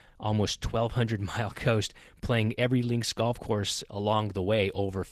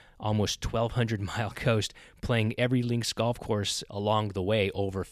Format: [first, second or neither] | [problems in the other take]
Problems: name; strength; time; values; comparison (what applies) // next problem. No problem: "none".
second | garbled, watery; slightly; nothing above 14.5 kHz